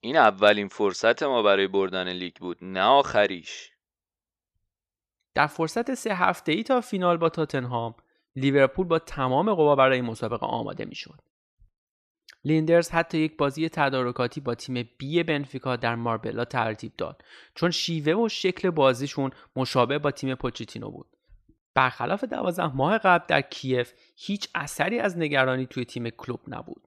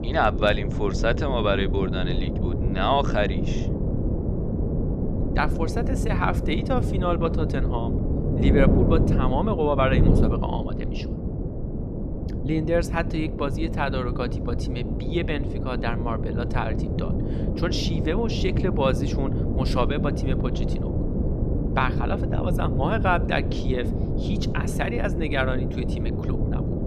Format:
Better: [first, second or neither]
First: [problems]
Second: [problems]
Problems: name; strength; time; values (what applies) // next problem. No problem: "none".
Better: first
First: none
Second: wind noise on the microphone; heavy; 6 dB below the speech